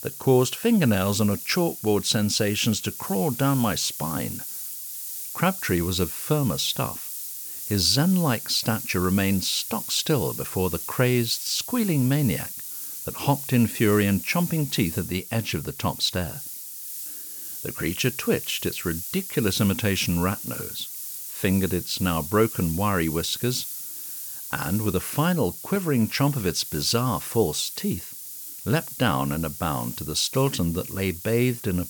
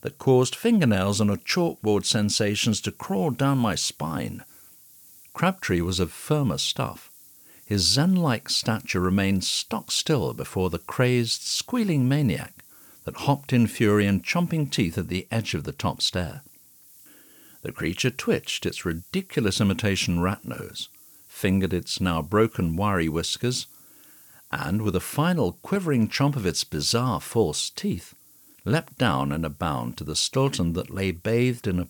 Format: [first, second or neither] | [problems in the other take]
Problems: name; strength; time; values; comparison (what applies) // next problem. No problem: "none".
second | hiss; loud; throughout; 8 dB below the speech; faint in the second